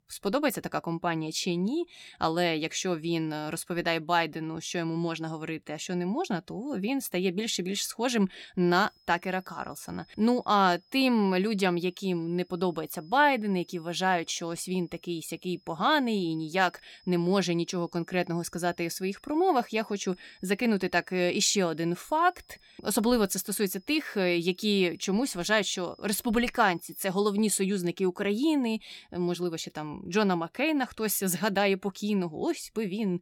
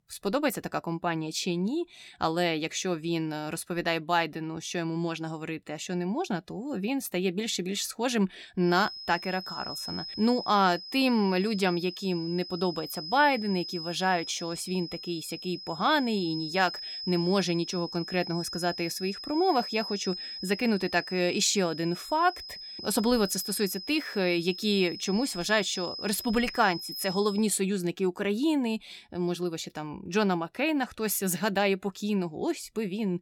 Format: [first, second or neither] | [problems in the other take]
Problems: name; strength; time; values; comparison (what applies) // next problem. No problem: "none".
first | high-pitched whine; loud; from 8.5 to 27 s; 5 kHz, 9 dB below the speech; faint in the first